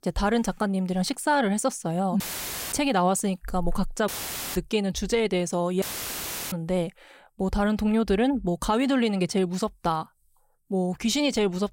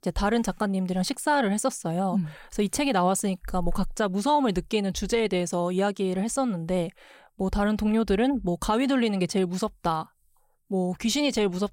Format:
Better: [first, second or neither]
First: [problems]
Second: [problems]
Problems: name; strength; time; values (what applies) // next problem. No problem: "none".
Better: second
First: audio cutting out; filled with static; at 2 s for 0.5 s, at 4 s and at 6 s for 0.5 s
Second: none